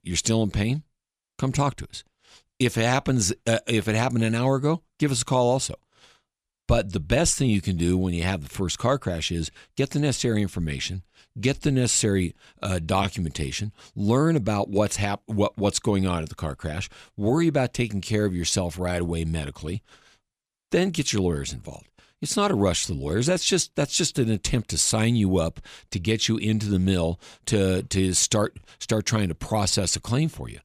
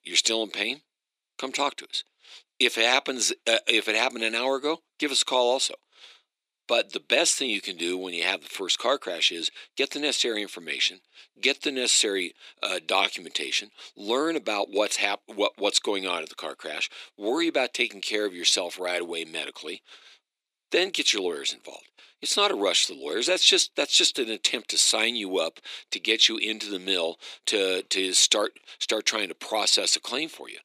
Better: first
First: none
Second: thin; very; fading below 300 Hz

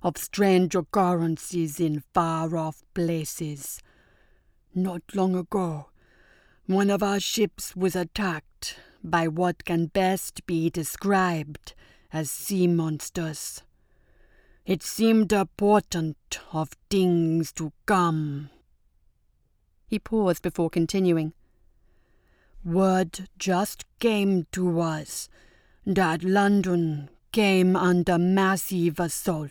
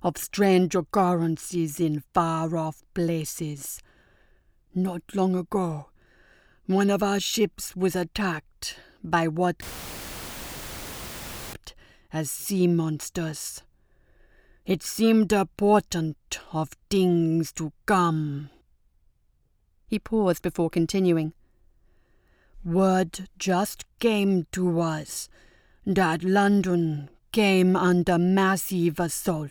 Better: first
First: none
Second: audio cutting out; filled with static; at 9.5 s for 2 s

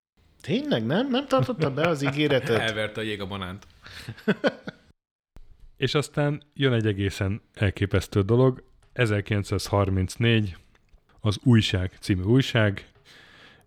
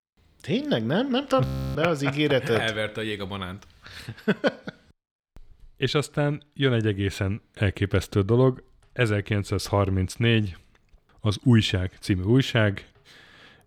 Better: first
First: none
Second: audio freezing; at 1.5 s

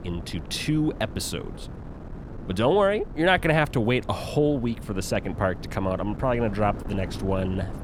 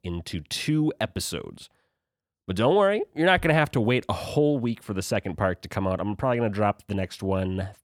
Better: second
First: wind noise on the microphone; occasional gusts; 20 dB below the speech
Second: none

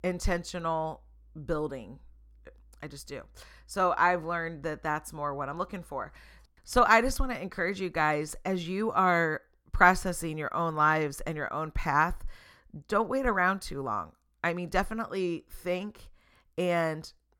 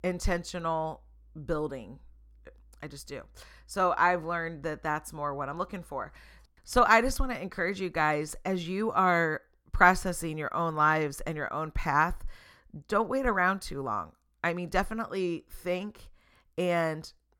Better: neither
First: none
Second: none

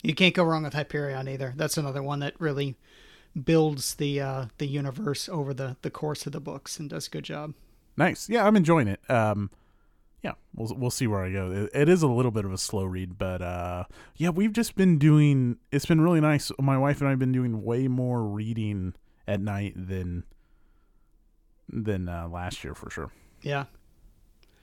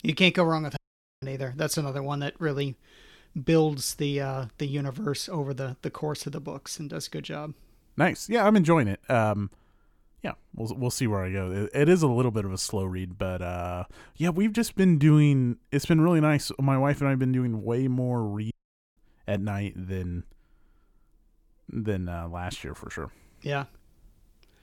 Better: first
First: none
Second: audio cutting out; at 1 s and at 19 s

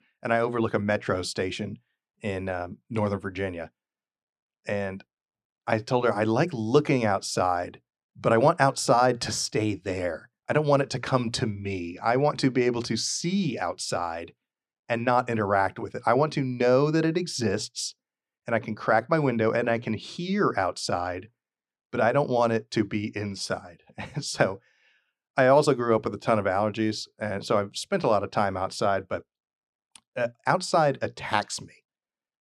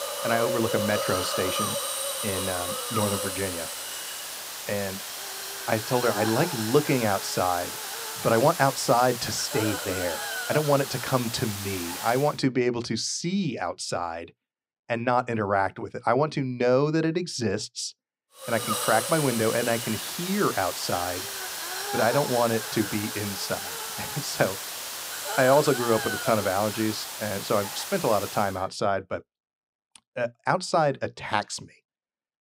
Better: first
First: none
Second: hiss; loud; until 12 s and from 19 to 28 s; 4 dB below the speech

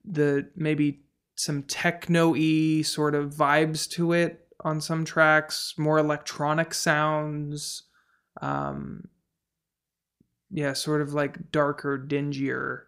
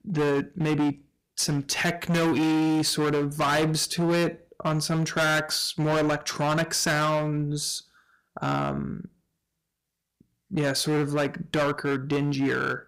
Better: first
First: none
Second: distortion; heavy; 17% of the sound clipped

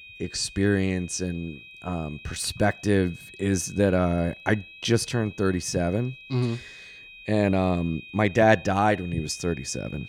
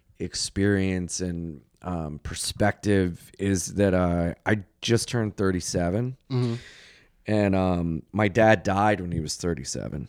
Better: second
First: high-pitched whine; noticeable; throughout; 2.5 kHz, 15 dB below the speech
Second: none

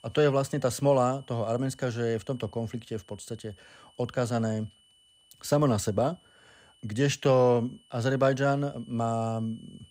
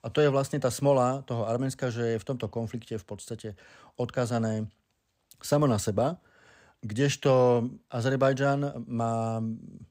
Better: second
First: high-pitched whine; faint; throughout; 3 kHz, 30 dB below the speech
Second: none

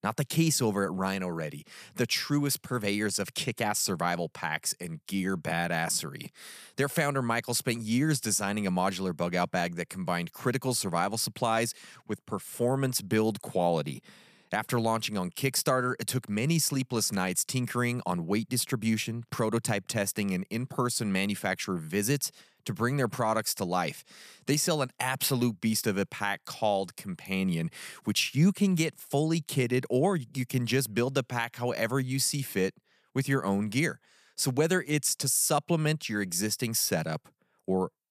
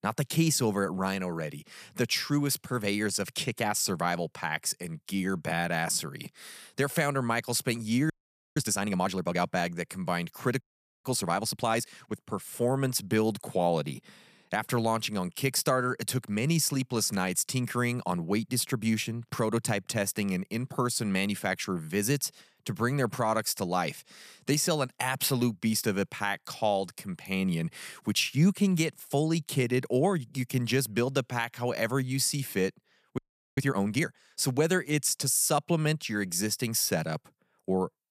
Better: first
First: none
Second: audio freezing; at 8 s, at 11 s and at 33 s

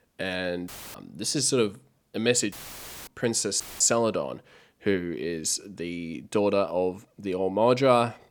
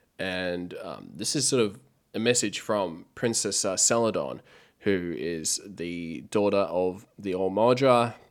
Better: second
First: audio cutting out; filled with static; at 0.5 s, at 2.5 s for 0.5 s and at 3.5 s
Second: none

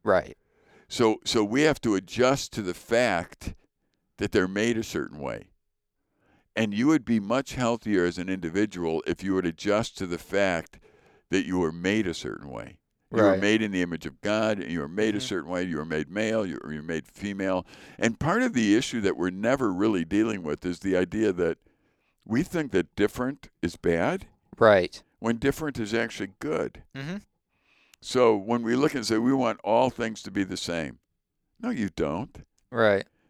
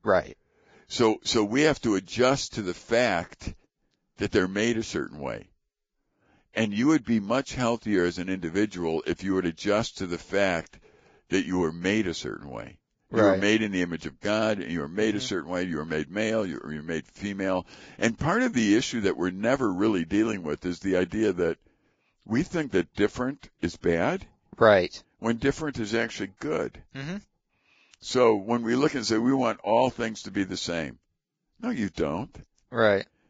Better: first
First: none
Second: garbled, watery; badly; nothing above 7.5 kHz

